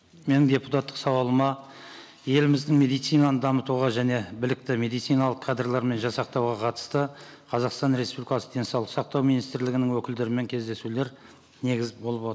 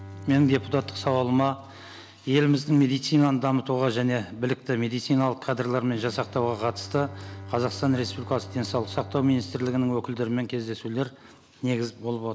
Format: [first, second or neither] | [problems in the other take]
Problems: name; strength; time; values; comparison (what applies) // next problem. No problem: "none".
first | background sound (Bowed string instrument); 18 dB below the speech